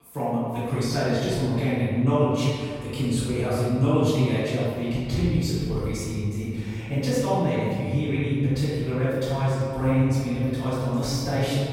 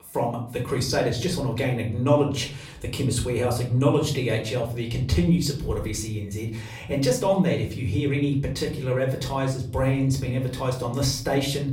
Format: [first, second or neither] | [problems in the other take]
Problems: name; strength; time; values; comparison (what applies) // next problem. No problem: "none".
second | room echo; strong; dies away in 2 s; slight in the second // off-mic speech; far; somewhat distant in the second